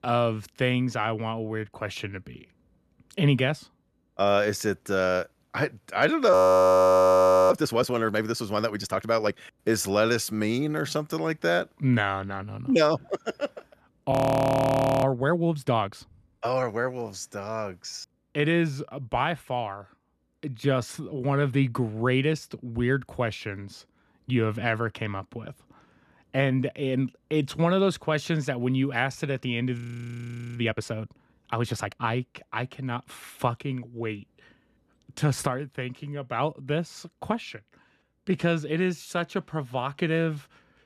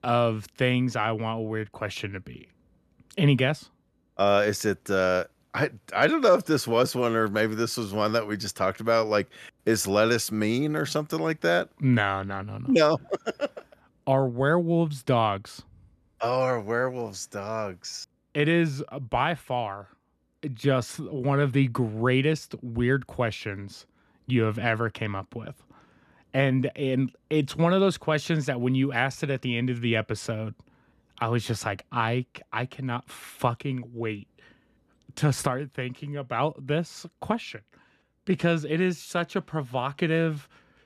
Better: second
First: audio freezing; at 6.5 s for 1 s, at 14 s for 1 s and at 30 s for 1 s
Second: none

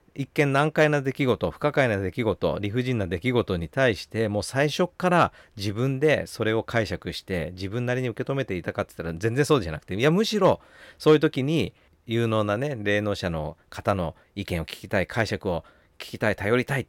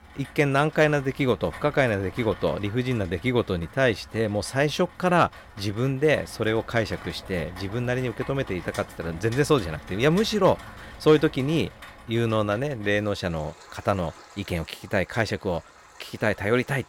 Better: first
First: none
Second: rain or running water; noticeable; throughout; 20 dB below the speech

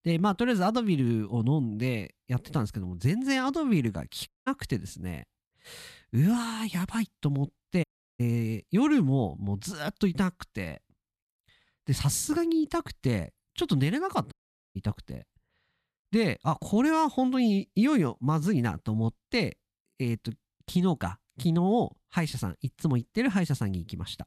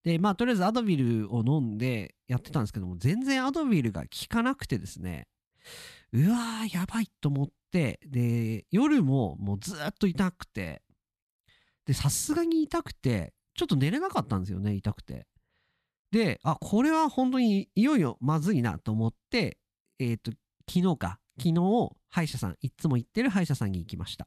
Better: second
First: audio cutting out; at 4.5 s, at 8 s and at 14 s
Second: none

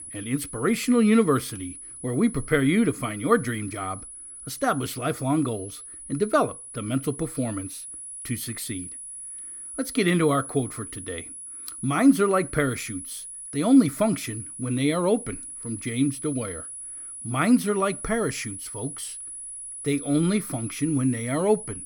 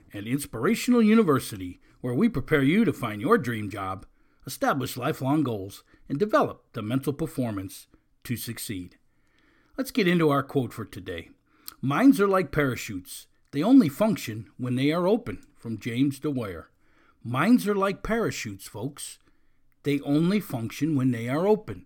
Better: second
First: high-pitched whine; noticeable; throughout; 10.5 kHz, 10 dB below the speech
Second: none

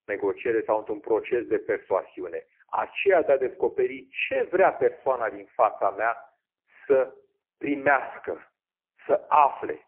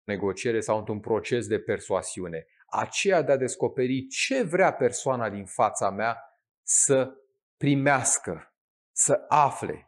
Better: second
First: phone-call audio; poor line; nothing above 2.5 kHz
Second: none

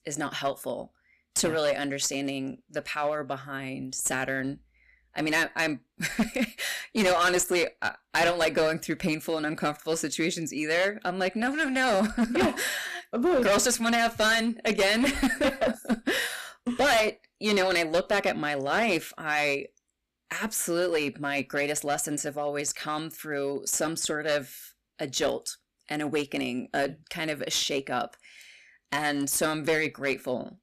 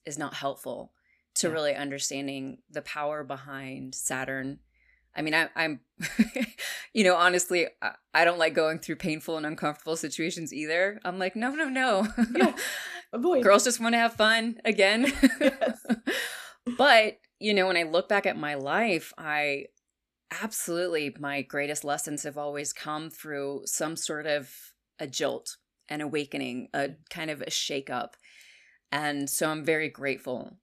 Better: second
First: distortion; heavy; 8% of the sound clipped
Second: none

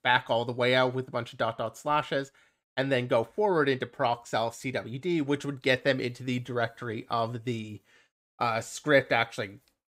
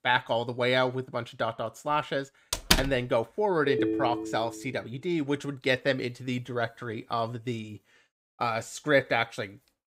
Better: first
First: none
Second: door banging; loud; at 2.5 s; peak 5 dB above the speech // phone ringing; loud; at 3.5 s; peak 1 dB above the speech

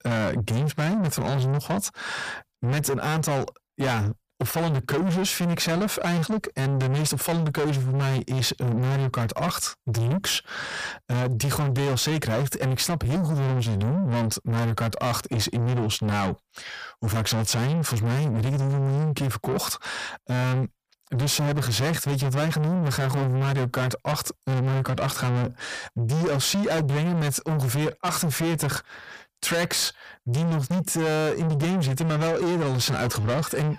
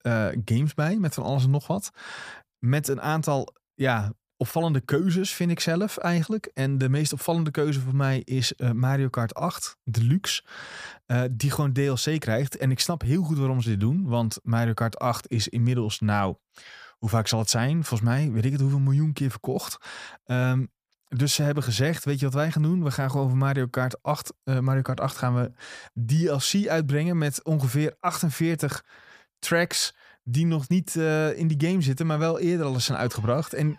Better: second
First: distortion; heavy; 7 dB below the speech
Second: none

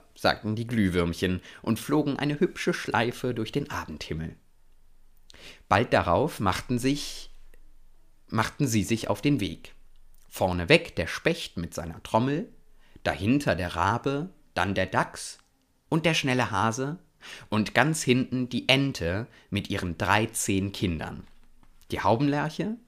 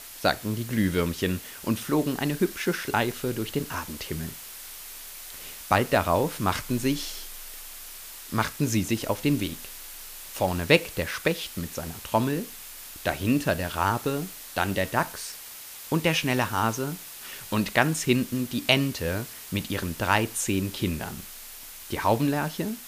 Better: first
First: none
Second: hiss; noticeable; throughout; 10 dB below the speech

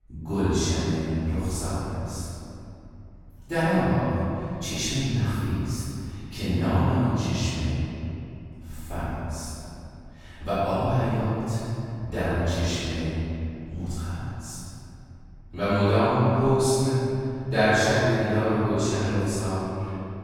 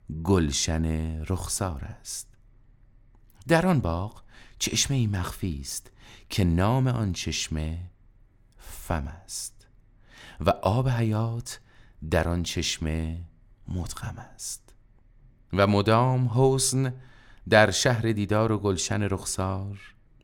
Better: second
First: room echo; strong; dies away in 2.7 s // off-mic speech; far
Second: none

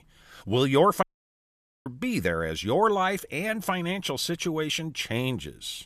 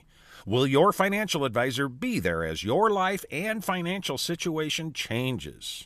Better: second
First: audio cutting out; at 1 s for 1 s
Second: none

